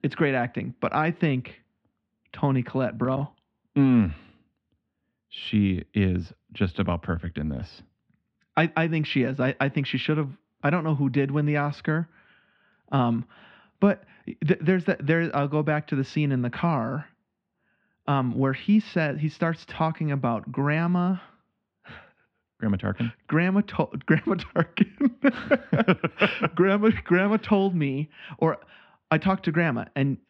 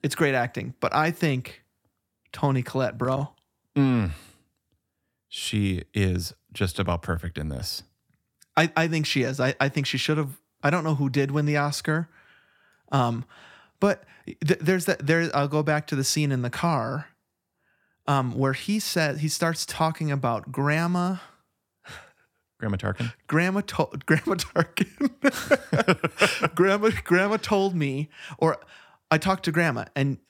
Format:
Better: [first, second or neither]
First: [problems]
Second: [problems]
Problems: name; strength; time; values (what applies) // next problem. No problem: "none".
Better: second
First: muffled; very; fading above 3 kHz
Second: none